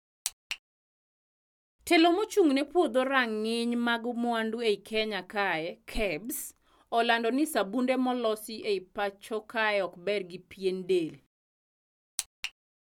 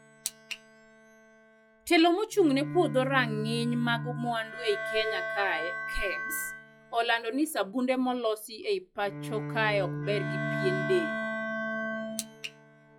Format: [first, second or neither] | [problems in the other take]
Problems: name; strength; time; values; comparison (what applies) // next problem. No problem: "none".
first | noise reduction (classical method log-MMSE)